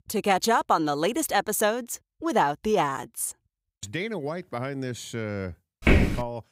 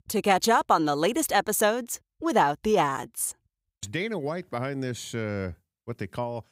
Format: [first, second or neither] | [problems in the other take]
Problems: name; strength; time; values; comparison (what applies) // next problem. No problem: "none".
second | footsteps; loud; at 6 s; peak 5 dB above the speech